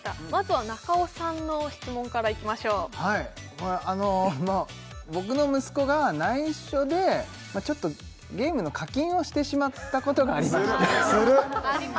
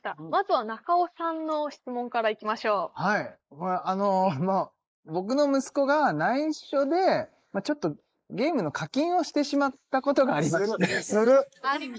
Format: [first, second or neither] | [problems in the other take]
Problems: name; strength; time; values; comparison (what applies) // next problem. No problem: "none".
first | noise reduction (neural mask model Resemble Enhance denoiser)